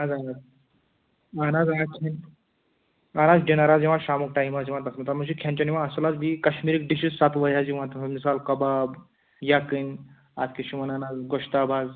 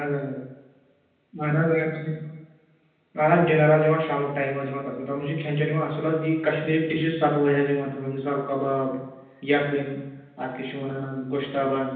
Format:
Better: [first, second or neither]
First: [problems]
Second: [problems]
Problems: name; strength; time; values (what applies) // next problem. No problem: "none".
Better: first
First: none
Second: room echo; dies away in 0.9 s